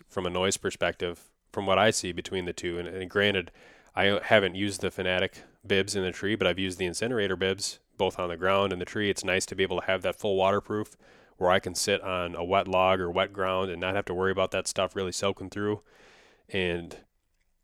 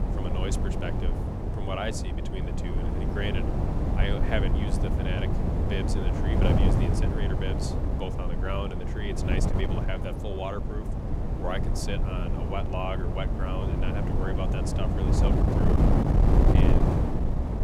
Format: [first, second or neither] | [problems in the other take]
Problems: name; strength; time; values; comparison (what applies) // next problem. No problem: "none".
first | wind noise on the microphone; heavy; 1 dB above the speech